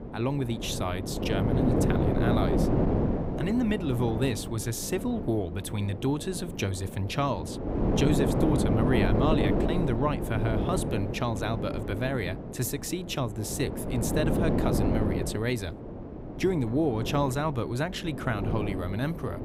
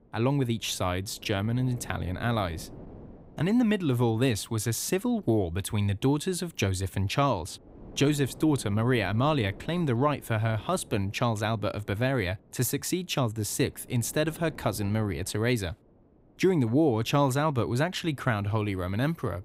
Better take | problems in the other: second | wind noise on the microphone; heavy; 1 dB below the speech; occasional gusts in the second

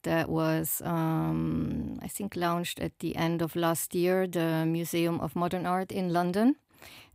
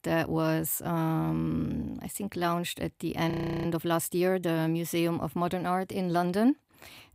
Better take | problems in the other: first | audio freezing; at 3.5 s

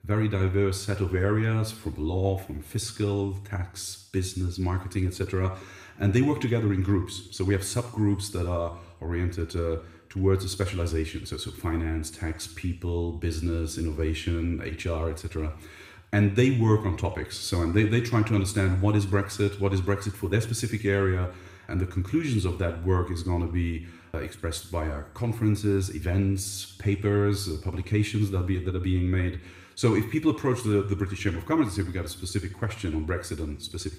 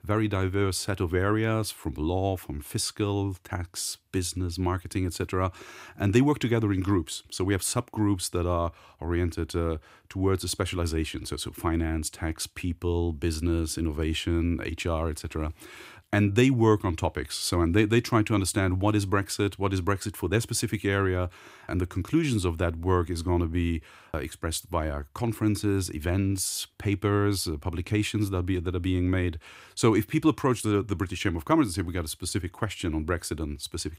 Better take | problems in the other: second | room echo; slight; dies away in 0.7 s

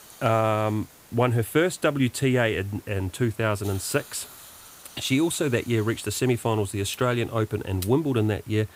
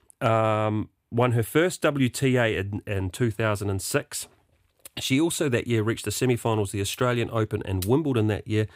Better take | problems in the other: second | hiss; faint; throughout; 20 dB below the speech

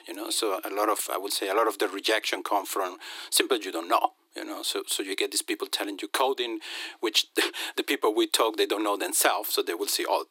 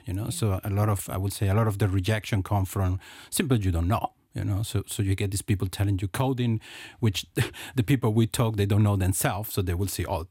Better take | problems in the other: second | thin; very; fading below 300 Hz

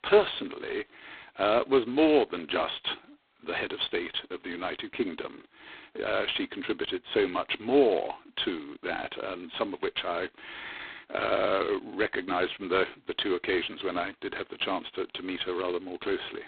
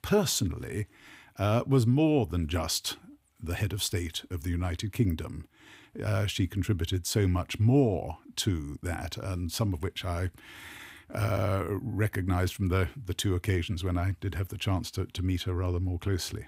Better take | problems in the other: second | phone-call audio; poor line

